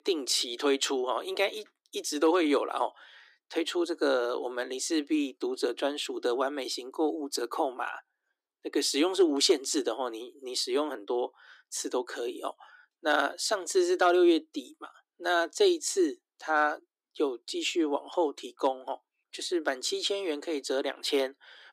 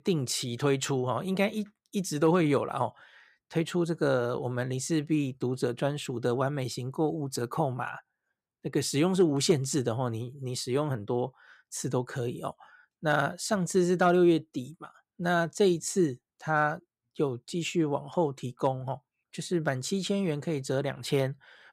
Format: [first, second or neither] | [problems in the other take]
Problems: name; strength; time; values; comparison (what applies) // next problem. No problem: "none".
second | thin; somewhat; fading below 300 Hz